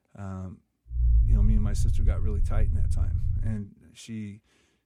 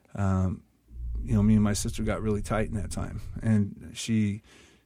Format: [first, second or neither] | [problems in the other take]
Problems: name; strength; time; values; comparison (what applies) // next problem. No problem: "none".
second | low rumble; loud; from 1 to 3.5 s; 2 dB below the speech; faint in the second